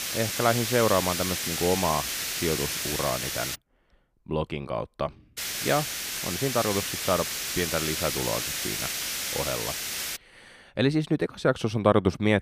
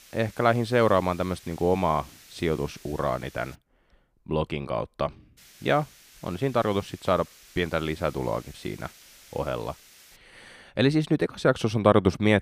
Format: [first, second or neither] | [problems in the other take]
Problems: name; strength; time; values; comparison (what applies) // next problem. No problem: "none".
second | hiss; loud; until 3.5 s and from 5.5 to 10 s; 1 dB below the speech; faint in the second